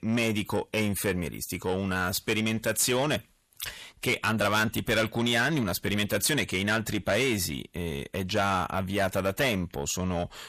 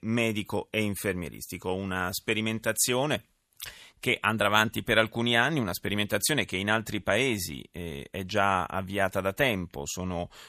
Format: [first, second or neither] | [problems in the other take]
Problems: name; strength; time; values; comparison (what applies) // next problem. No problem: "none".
second | distortion; heavy; 8 dB below the speech